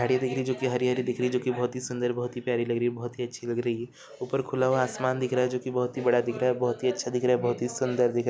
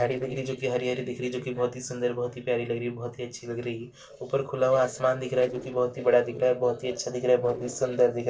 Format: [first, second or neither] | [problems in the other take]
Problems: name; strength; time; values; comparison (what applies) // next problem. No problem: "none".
first | noise reduction (neural separator model SepFormer DNS4)